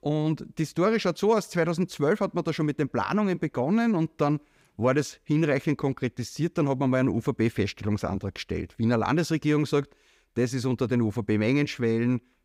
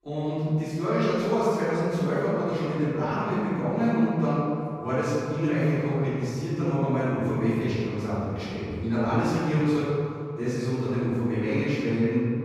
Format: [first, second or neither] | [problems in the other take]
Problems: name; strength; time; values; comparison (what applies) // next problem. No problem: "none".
first | off-mic speech; far // room echo; strong; dies away in 2.4 s